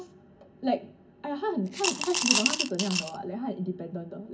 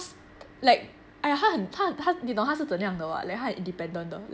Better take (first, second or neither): second